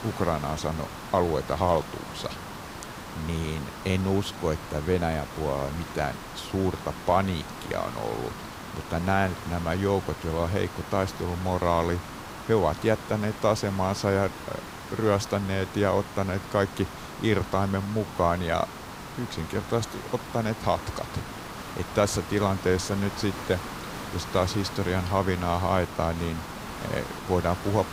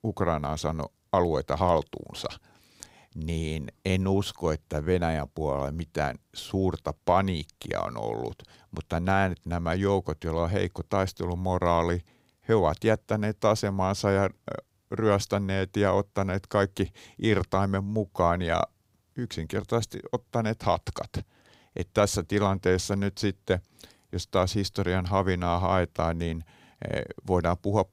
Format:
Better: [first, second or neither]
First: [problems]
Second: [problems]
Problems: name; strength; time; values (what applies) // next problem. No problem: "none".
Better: second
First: hiss; noticeable; throughout; 10 dB below the speech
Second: none